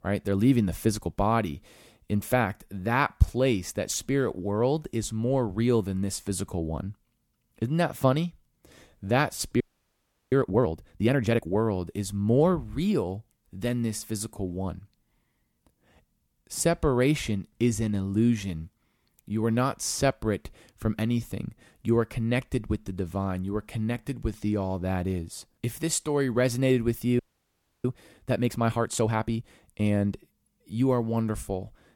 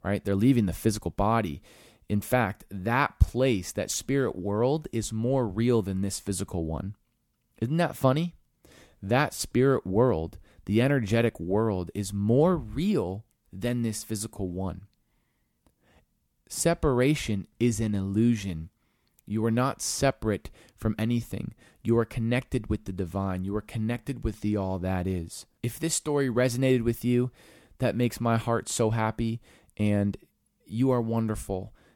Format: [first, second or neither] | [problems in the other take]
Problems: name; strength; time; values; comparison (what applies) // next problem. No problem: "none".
second | audio freezing; at 9.5 s for 0.5 s and at 27 s for 0.5 s